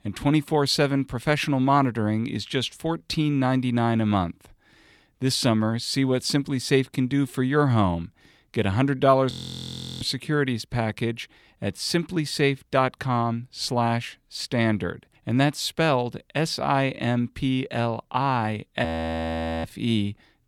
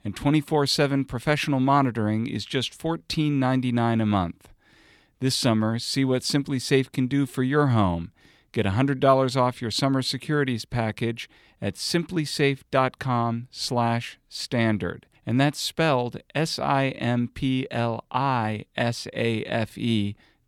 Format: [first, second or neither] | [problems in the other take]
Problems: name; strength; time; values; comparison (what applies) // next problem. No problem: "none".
second | audio freezing; at 9.5 s for 0.5 s and at 19 s for 1 s